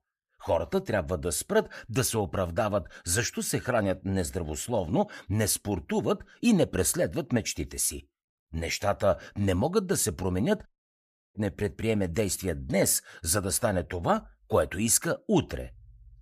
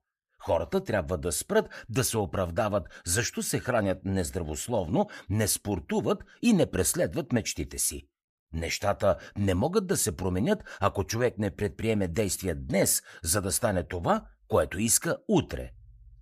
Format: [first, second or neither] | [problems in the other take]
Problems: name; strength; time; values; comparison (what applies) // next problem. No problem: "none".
second | audio cutting out; at 11 s for 0.5 s